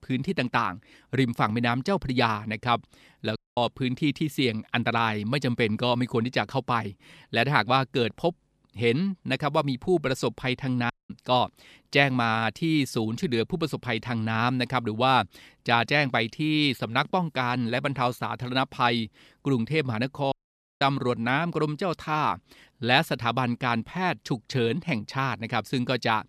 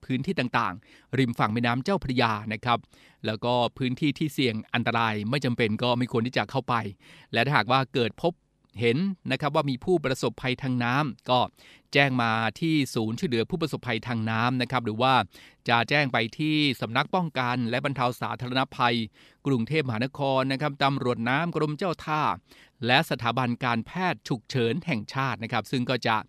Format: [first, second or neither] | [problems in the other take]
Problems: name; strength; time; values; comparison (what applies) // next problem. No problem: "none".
second | audio cutting out; at 3.5 s, at 11 s and at 20 s